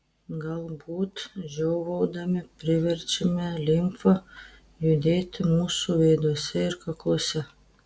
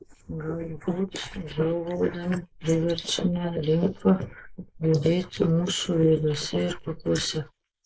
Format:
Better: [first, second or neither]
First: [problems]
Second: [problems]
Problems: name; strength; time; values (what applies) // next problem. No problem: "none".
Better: first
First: none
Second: noise reduction (neural mask model Resemble Enhance denoiser)